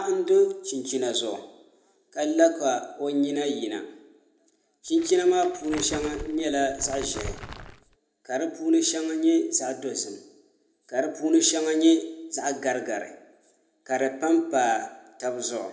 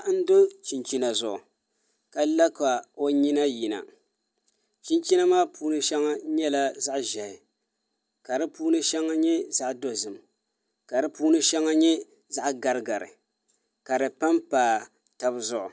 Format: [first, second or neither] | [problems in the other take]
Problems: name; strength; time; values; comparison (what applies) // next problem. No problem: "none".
second | background sound (Crumpling, crinkling); 13 dB below the speech // room echo; dies away in 0.7 s